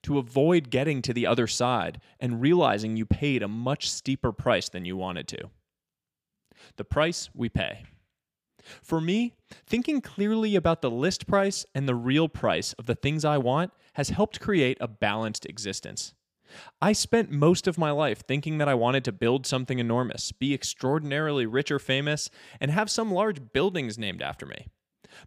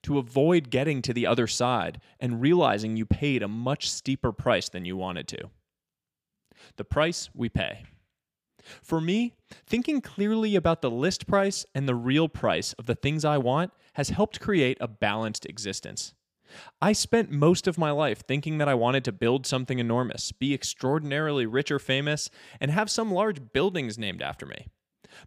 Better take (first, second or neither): neither